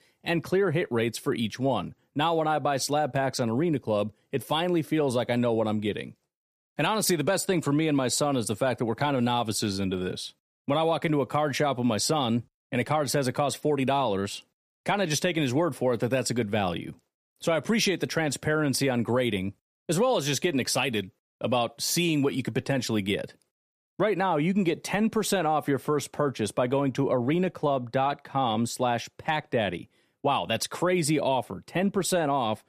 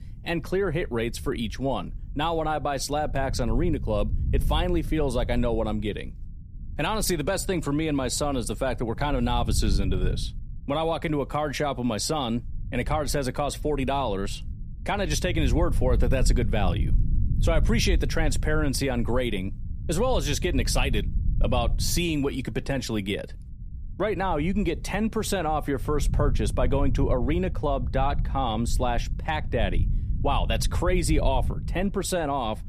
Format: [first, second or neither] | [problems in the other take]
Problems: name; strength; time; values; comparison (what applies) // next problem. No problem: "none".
first | low rumble; noticeable; throughout; 20 dB below the speech